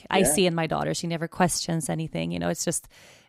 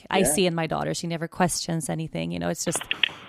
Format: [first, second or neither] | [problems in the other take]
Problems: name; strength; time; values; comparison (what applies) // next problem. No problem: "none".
first | phone ringing; loud; at 2.5 s; peak 1 dB above the speech